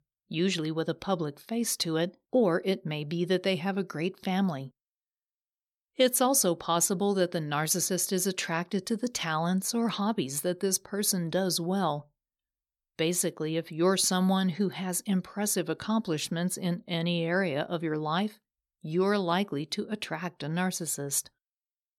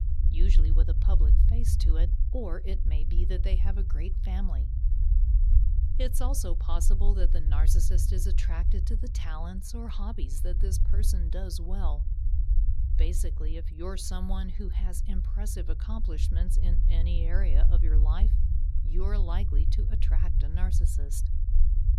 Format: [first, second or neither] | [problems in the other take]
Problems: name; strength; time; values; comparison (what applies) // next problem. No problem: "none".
first | low rumble; loud; throughout; 6 dB below the speech